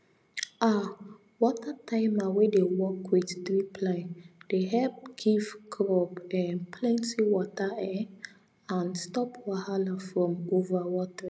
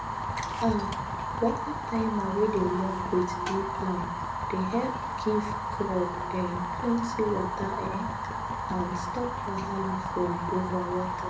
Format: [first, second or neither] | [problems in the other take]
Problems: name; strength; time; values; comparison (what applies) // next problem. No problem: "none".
first | background sound (Fire); 2 dB below the speech // room echo; dies away in 0.3 s